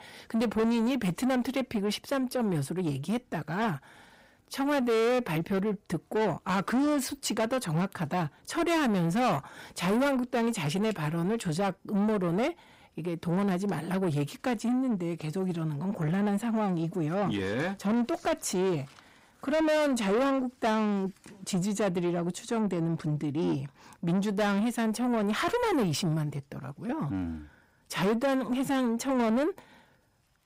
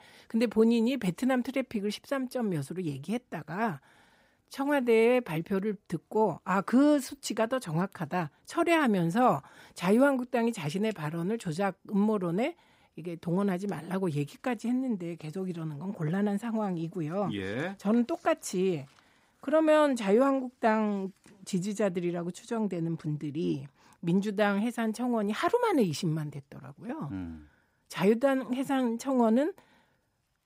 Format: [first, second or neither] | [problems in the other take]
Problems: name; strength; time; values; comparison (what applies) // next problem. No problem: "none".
second | distortion; heavy; 8 dB below the speech